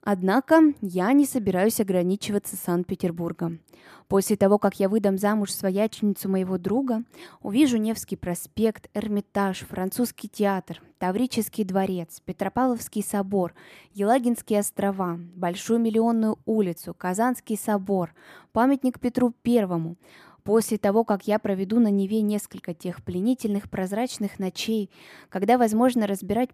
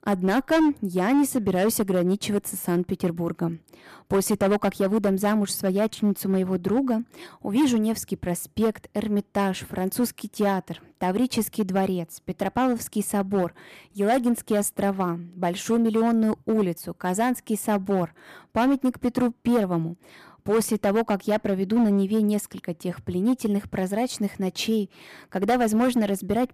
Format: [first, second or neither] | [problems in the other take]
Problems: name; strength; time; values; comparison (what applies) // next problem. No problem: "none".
first | distortion; slight; 7% of the sound clipped